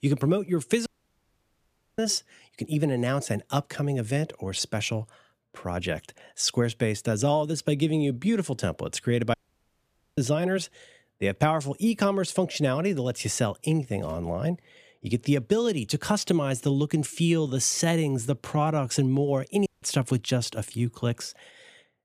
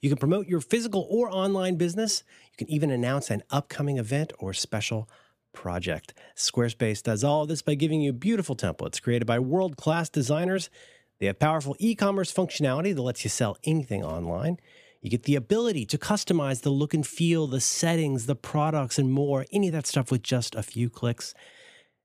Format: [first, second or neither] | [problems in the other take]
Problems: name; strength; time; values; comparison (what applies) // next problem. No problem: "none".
second | audio cutting out; at 1 s for 1 s, at 9.5 s for 1 s and at 20 s